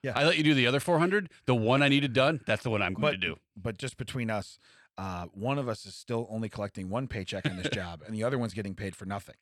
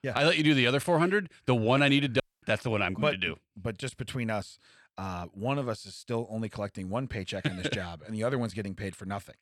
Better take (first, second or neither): first